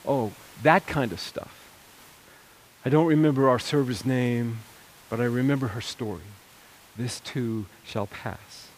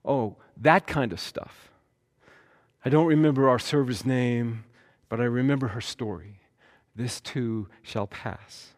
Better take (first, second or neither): second